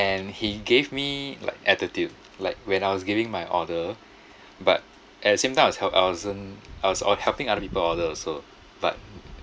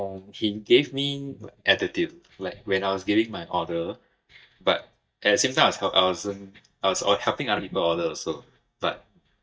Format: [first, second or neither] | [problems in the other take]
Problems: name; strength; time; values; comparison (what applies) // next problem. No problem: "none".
first | noise reduction (neural mask model DeepFilterNet 3)